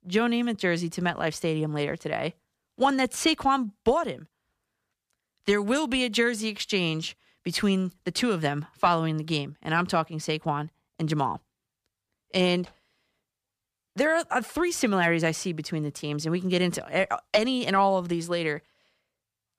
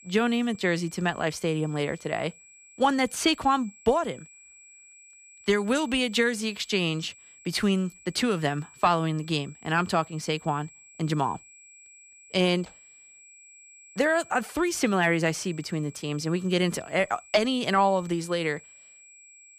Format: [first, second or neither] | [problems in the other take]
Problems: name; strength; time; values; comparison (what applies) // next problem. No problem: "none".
first | high-pitched whine; faint; throughout; 7.5 kHz, 25 dB below the speech